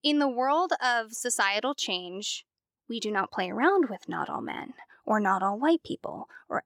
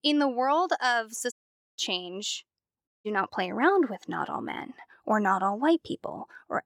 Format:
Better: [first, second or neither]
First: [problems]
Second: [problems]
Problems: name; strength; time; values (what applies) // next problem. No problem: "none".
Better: first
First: none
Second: audio cutting out; at 1.5 s and at 3 s